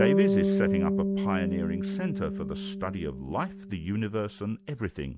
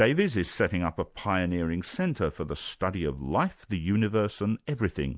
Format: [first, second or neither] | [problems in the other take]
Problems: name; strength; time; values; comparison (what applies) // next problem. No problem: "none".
second | background sound (Bass guitar); 3 dB above the speech